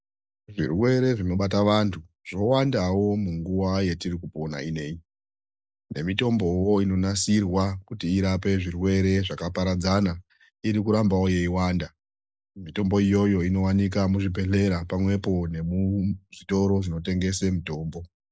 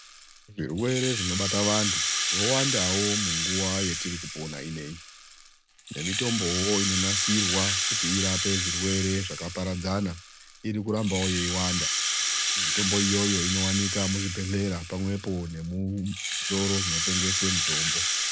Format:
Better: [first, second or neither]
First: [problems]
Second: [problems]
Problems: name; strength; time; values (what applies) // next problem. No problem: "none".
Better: first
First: none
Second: background sound (Rattle (instrument)); 1 dB above the speech